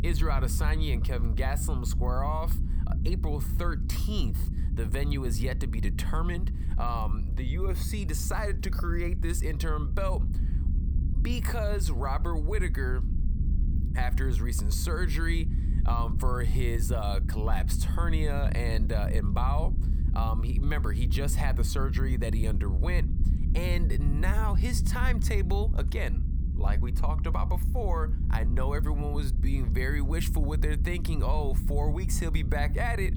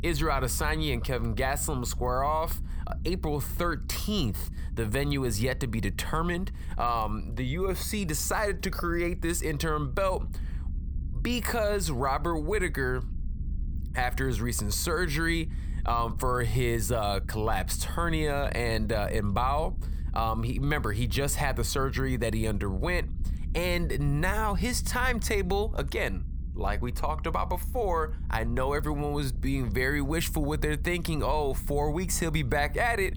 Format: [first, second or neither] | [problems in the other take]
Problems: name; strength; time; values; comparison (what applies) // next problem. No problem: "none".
second | low rumble; loud; throughout; 10 dB below the speech; faint in the second